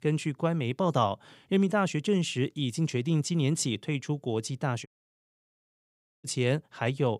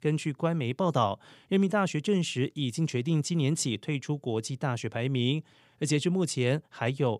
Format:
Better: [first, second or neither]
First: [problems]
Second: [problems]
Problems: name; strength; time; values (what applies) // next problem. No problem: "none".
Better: second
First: audio cutting out; at 5 s for 1.5 s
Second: none